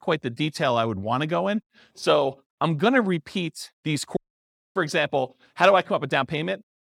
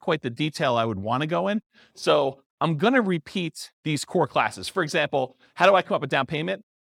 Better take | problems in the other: second | audio cutting out; at 4 s for 0.5 s

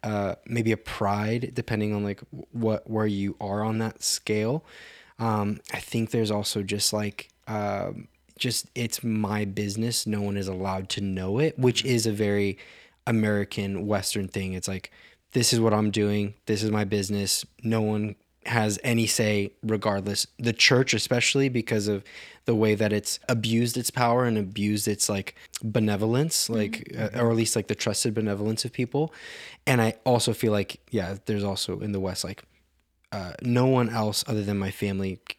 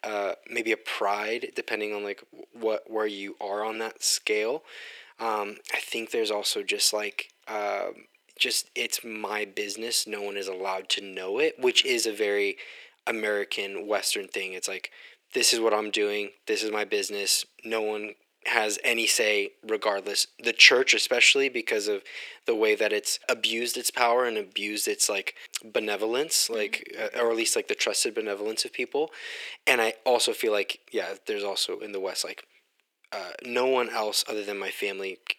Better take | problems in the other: first | thin; very; fading below 400 Hz

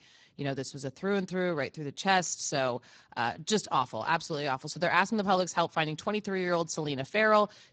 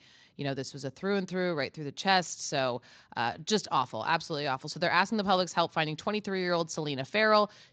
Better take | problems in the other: second | garbled, watery; badly; nothing above 7.5 kHz; slightly in the second

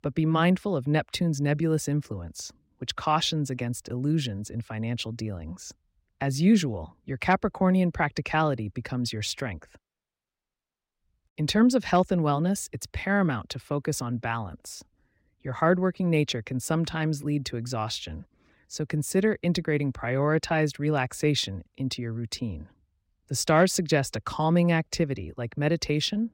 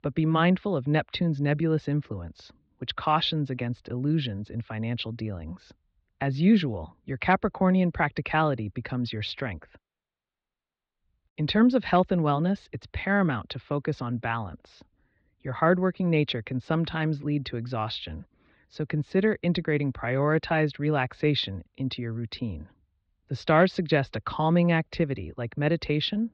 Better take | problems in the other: first | muffled; slightly; fading above 4 kHz

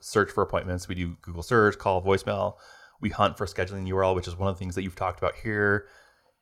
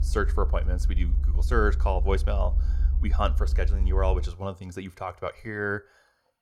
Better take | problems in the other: first | low rumble; noticeable; until 4.5 s; 15 dB below the speech

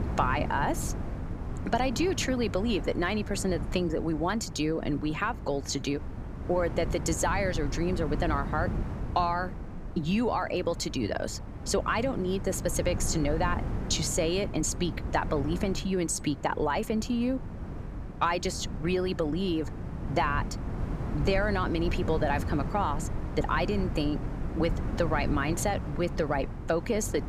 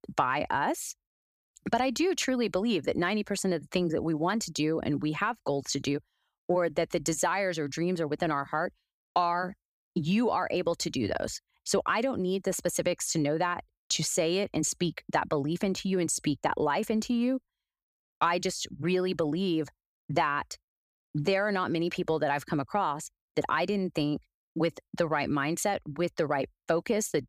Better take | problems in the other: second | wind noise on the microphone; occasional gusts; 15 dB below the speech

